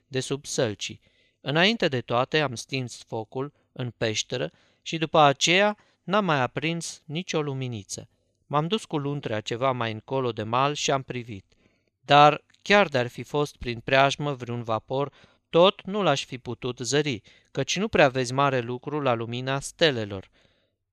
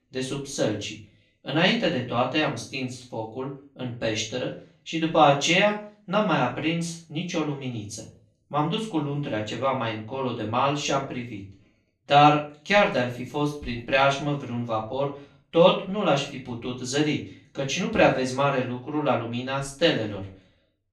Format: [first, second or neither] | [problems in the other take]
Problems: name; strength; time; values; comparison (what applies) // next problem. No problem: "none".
first | off-mic speech; far // room echo; slight; dies away in 0.3 s